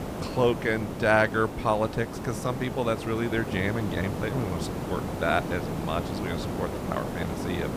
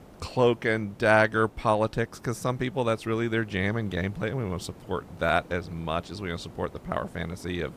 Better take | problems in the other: second | hiss; loud; throughout; 5 dB below the speech; faint in the second

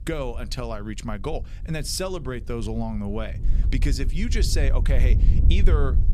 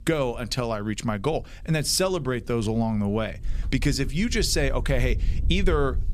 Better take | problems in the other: second | wind noise on the microphone; heavy; 10 dB below the speech; occasional gusts in the second

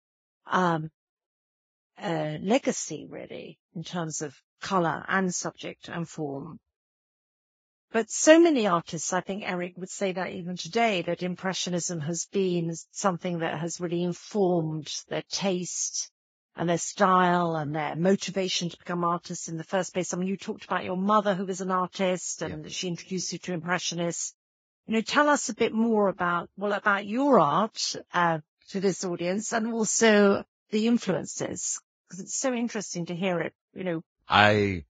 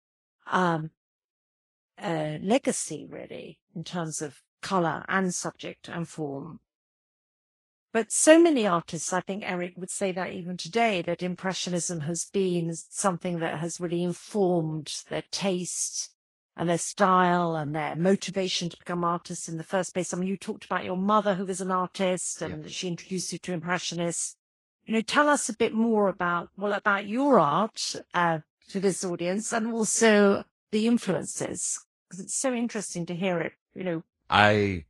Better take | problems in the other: second | garbled, watery; badly; nothing above 7.5 kHz; slightly in the second

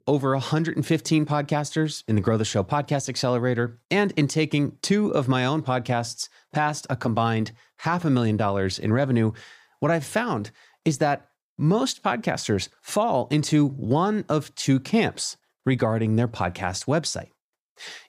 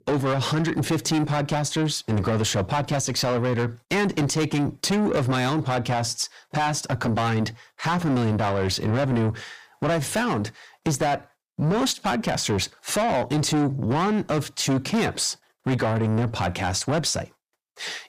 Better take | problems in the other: first | distortion; heavy; 6 dB below the speech

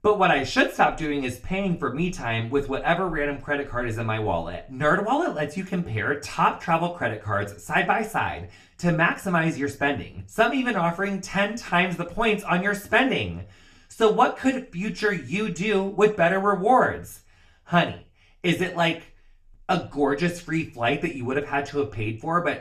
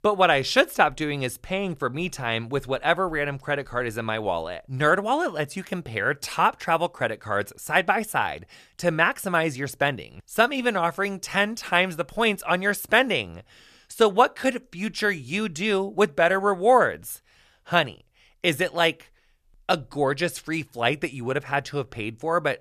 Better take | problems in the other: second | room echo; very slight; dies away in 0.3 s // off-mic speech; far

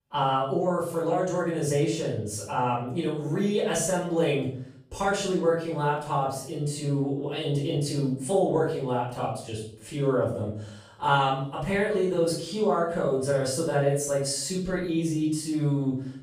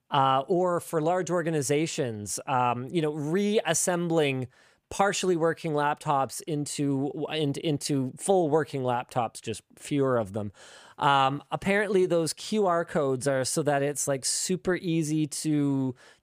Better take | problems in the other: second | room echo; noticeable; dies away in 0.5 s // off-mic speech; far

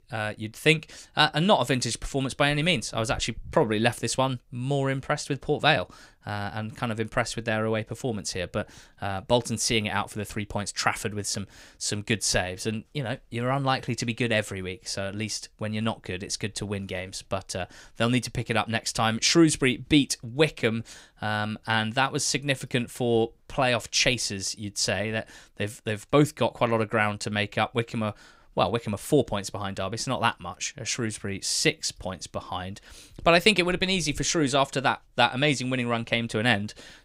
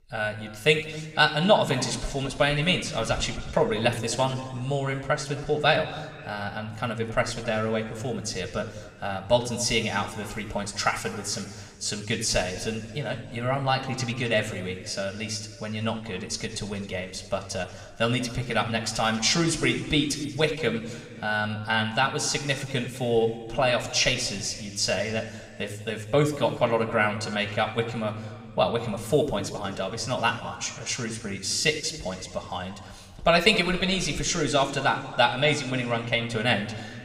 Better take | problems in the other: first | room echo; slight; dies away in 1.7 s

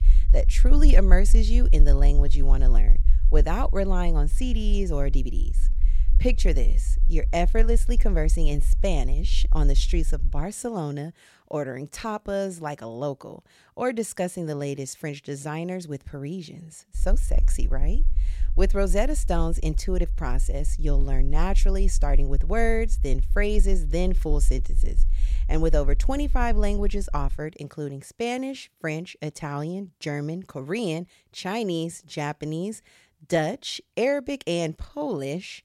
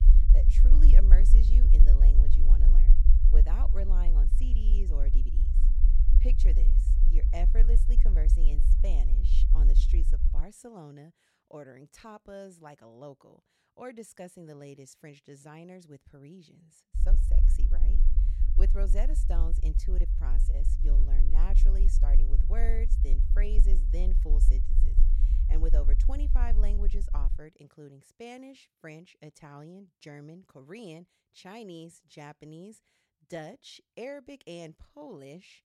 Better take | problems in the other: first | low rumble; loud; until 10 s and from 17 to 27 s; 4 dB below the speech; faint in the first

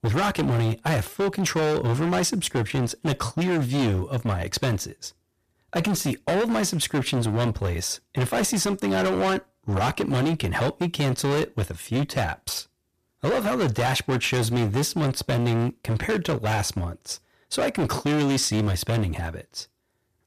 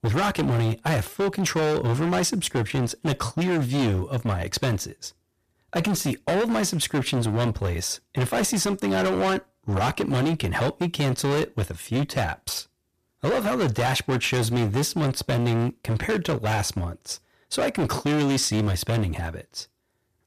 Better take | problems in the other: neither | distortion; heavy; 23% of the sound clipped; the same in both

